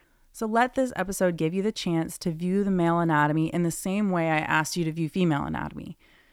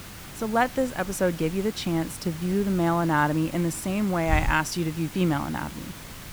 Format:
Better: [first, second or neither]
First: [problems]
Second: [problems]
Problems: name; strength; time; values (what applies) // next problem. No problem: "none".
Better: first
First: none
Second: hiss; noticeable; throughout; 10 dB below the speech